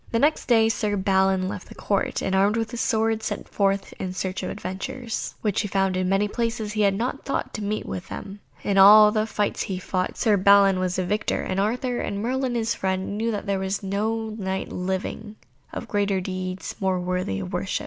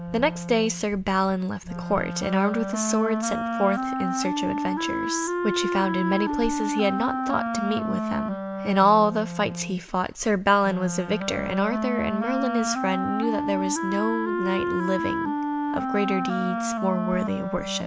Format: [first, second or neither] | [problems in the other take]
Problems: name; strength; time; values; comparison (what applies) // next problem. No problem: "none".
first | background sound (Wind instrument, woodwind instrument); 2 dB below the speech